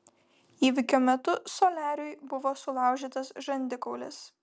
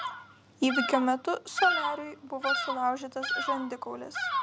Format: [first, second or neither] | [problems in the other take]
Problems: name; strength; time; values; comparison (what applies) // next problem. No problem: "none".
first | background sound (Bird vocalization, bird call, bird song); 2 dB below the speech